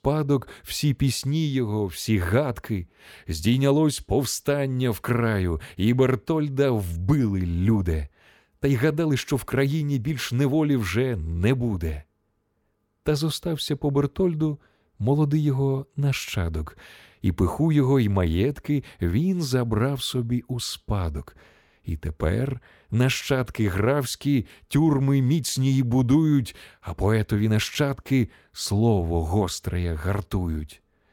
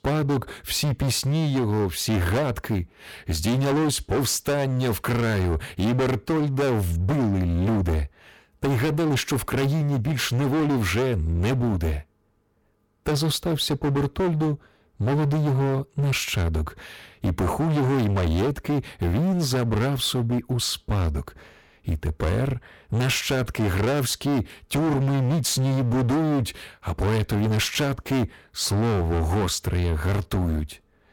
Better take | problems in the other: first | distortion; heavy; 28% of the sound clipped

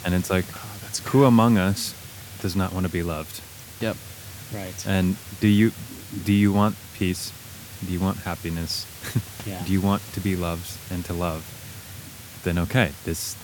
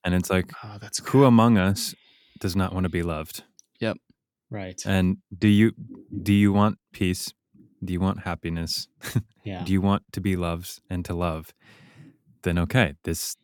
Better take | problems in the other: second | hiss; noticeable; throughout; 15 dB below the speech

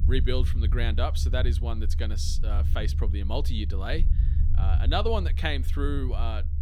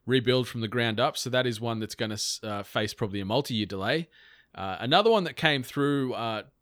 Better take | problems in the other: second | low rumble; noticeable; throughout; 10 dB below the speech

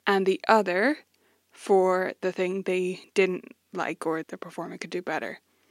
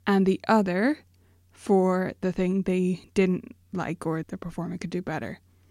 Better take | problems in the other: second | thin; somewhat; fading below 400 Hz

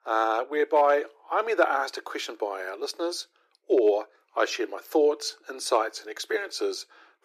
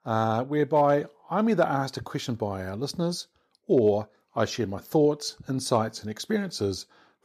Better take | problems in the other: second | thin; very; fading below 300 Hz

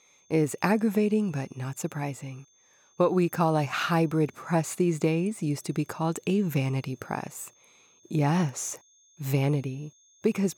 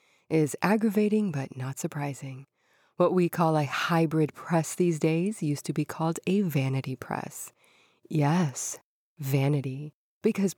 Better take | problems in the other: second | high-pitched whine; faint; throughout; 6.5 kHz, 30 dB below the speech

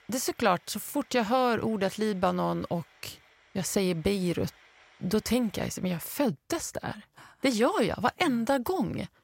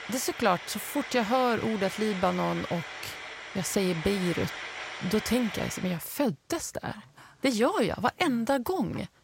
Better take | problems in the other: first | household noises; loud; throughout; 9 dB below the speech; faint in the first

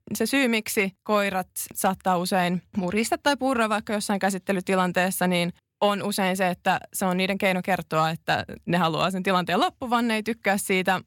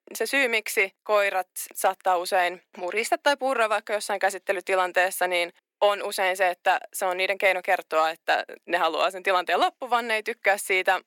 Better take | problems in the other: first | thin; very; fading below 300 Hz

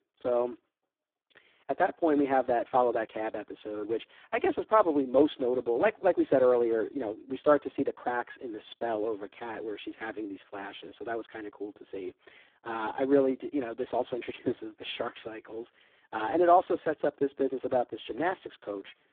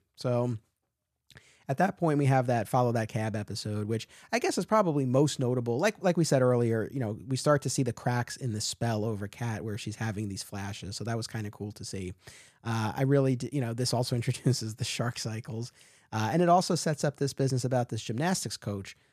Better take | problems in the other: second | phone-call audio; poor line; nothing above 3.5 kHz

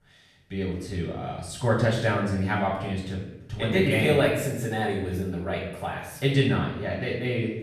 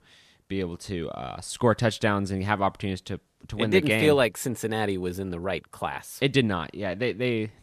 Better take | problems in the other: second | off-mic speech; far // room echo; noticeable; dies away in 0.8 s

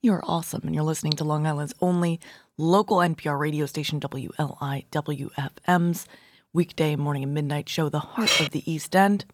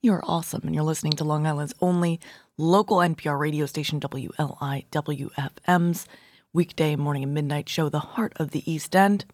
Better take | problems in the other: second | clattering dishes; loud; at 8 s; peak 5 dB above the speech

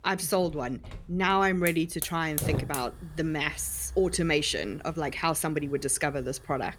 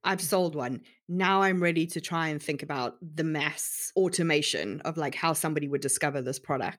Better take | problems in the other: second | hiss; loud; throughout; 10 dB below the speech

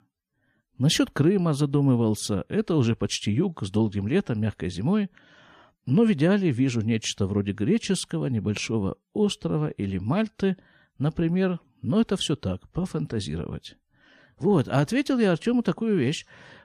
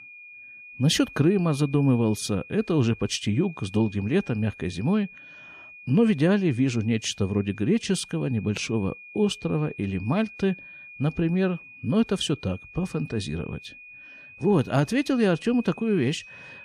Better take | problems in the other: first | high-pitched whine; noticeable; throughout; 2.5 kHz, 20 dB below the speech

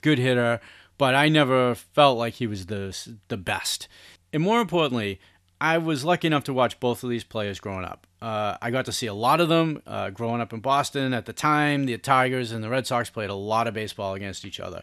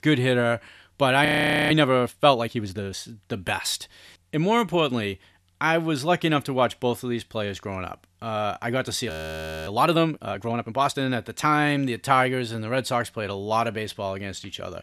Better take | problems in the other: first | audio freezing; at 1.5 s and at 9 s for 0.5 s

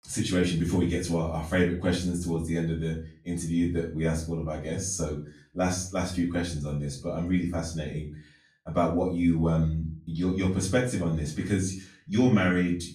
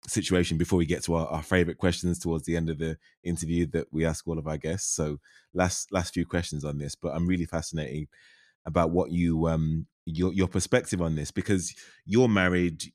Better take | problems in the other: second | room echo; slight; dies away in 0.3 s // off-mic speech; far

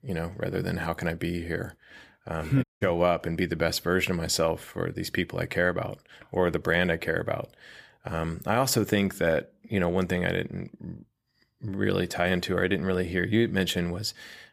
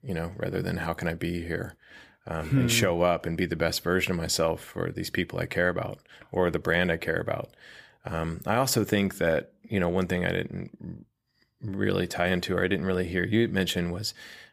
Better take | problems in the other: second | audio cutting out; at 2.5 s

